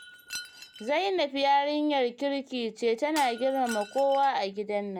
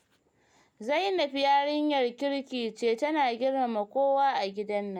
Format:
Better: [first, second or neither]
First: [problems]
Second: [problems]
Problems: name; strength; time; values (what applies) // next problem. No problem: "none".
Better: second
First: background sound (Shatter); 18 dB below the speech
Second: none